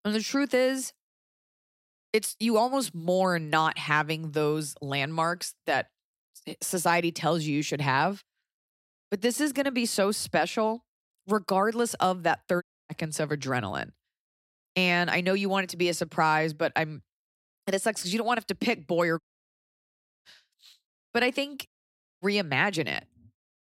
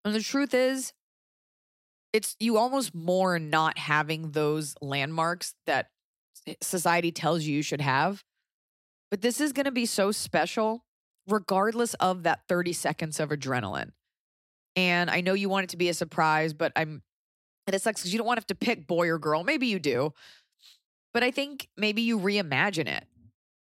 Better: second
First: audio cutting out; at 13 s, at 19 s for 1 s and at 22 s for 0.5 s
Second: none

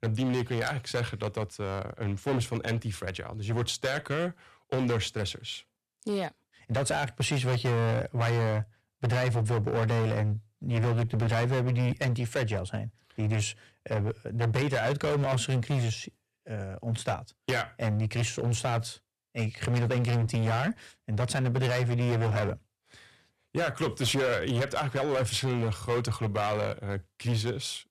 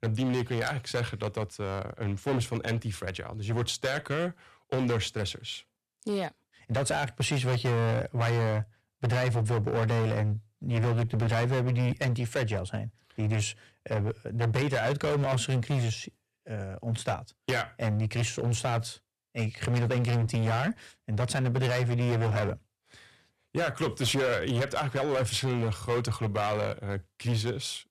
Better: neither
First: distortion; heavy; 16% of the sound clipped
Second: distortion; heavy; 16% of the sound clipped

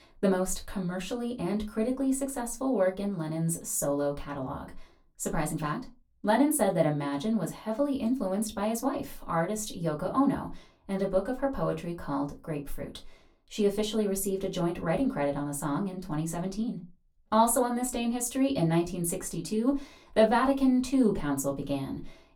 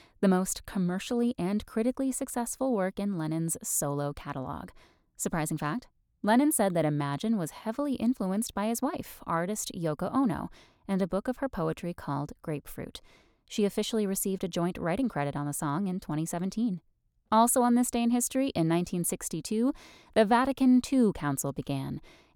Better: second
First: off-mic speech; far // room echo; very slight; dies away in 0.2 s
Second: none

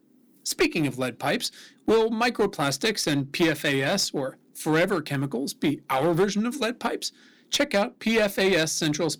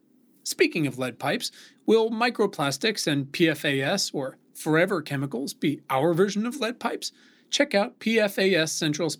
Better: second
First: distortion; slight; 6% of the sound clipped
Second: none

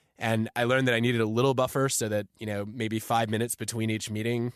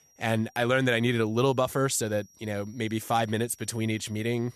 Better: first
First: none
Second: high-pitched whine; faint; throughout; 5.5 kHz, 30 dB below the speech

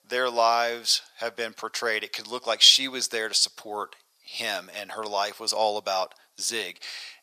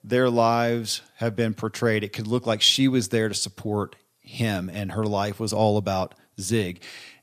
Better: second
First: thin; very; fading below 800 Hz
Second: none

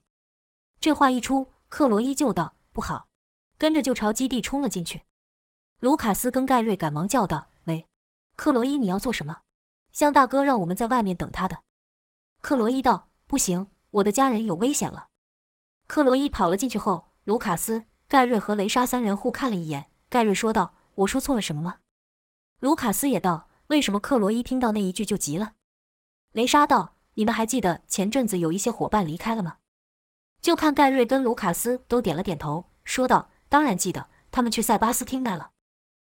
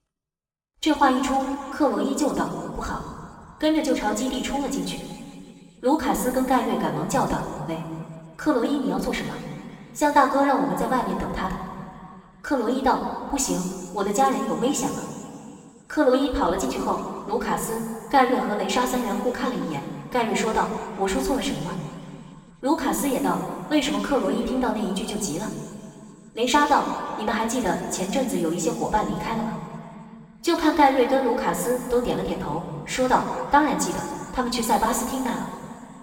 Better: first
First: none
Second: room echo; noticeable; dies away in 2.1 s // off-mic speech; somewhat distant

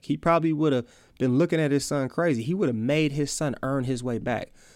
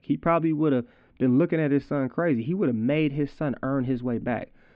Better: first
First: none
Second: muffled; very; fading above 3 kHz

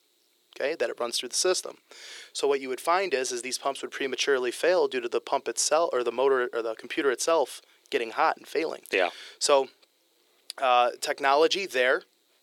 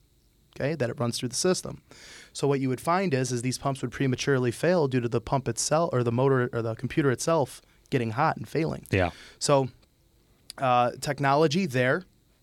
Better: second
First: thin; very; fading below 400 Hz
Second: none

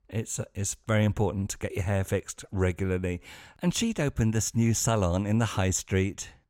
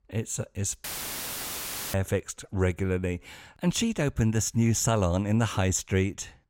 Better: first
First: none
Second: audio cutting out; filled with static; at 1 s for 1 s

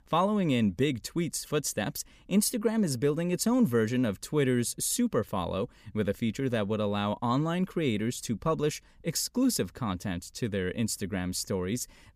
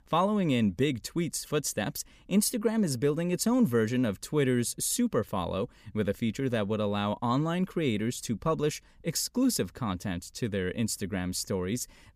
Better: neither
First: none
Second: none

